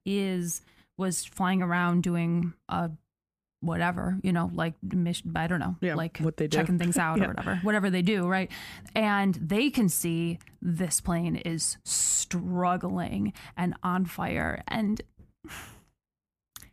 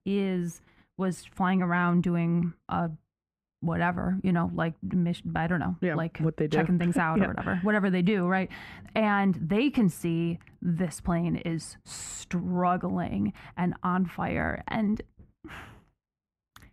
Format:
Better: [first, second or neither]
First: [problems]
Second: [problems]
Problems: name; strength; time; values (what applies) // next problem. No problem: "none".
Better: first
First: none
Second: muffled; slightly; fading above 3.5 kHz